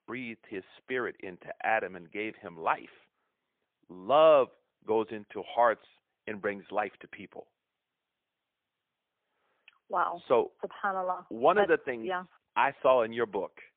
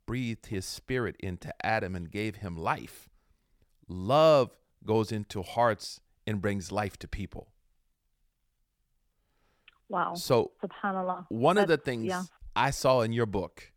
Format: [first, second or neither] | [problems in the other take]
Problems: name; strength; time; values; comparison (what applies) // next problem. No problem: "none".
second | phone-call audio; poor line; nothing above 3.5 kHz